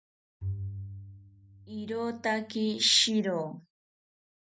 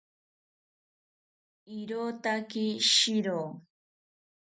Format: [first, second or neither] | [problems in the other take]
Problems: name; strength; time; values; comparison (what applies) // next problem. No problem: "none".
second | background sound (Bowed string instrument); 10 dB below the speech